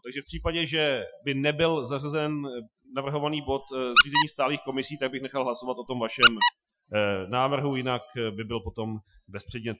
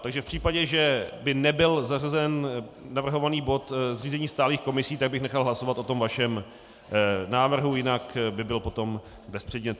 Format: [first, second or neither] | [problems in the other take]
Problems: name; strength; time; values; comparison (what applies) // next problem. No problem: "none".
second | noise reduction (classical method Wiener filter)